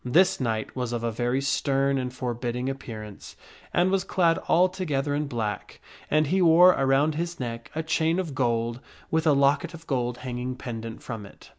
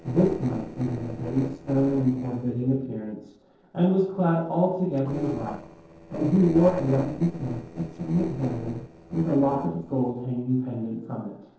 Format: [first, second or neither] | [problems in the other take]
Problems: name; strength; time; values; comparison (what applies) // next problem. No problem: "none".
first | noise reduction (neural separator model SepFormer DNS4)